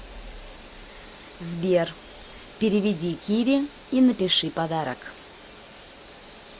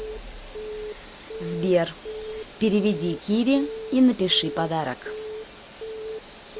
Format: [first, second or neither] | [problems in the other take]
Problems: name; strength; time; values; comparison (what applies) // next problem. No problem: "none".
first | background sound (Alarm / Keyboard (musical)); 11 dB below the speech